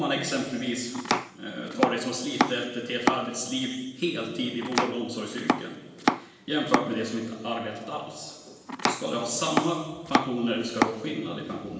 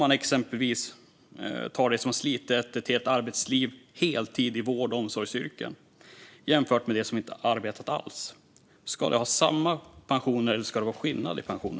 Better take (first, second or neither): second